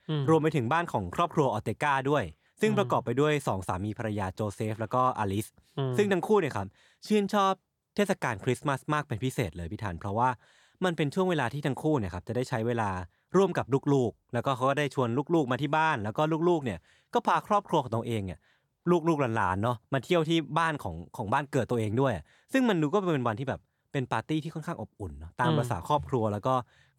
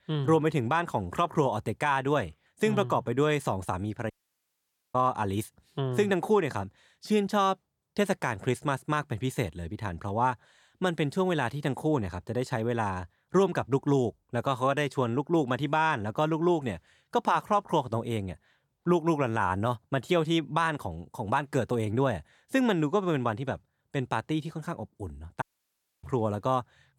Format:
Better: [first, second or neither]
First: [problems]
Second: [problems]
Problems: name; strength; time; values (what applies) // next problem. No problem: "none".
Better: first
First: none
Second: audio cutting out; at 4 s for 1 s and at 25 s for 0.5 s